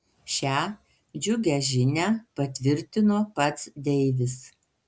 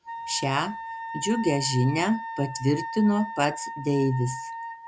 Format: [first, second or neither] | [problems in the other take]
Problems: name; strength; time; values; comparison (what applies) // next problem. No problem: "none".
first | background sound (Wind instrument, woodwind instrument); 9 dB below the speech